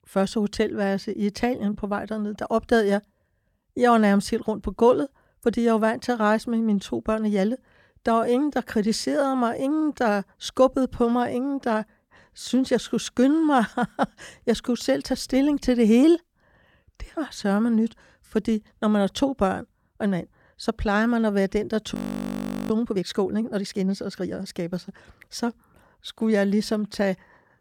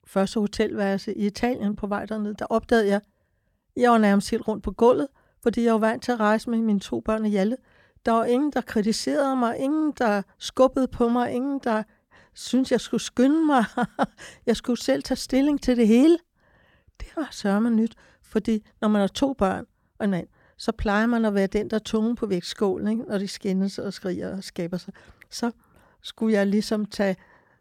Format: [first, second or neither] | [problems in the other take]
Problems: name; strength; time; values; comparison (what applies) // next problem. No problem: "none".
second | audio freezing; at 22 s for 1 s